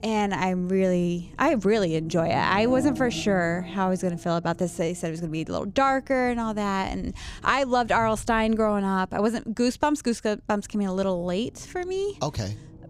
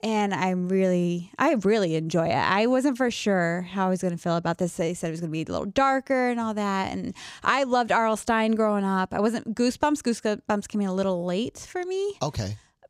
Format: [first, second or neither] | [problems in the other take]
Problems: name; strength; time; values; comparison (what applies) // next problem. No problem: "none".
second | low rumble; noticeable; throughout; 20 dB below the speech